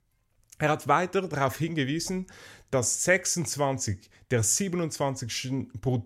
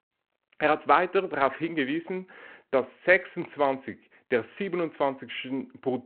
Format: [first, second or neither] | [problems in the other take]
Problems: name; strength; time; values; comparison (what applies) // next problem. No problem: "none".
first | phone-call audio; nothing above 4 kHz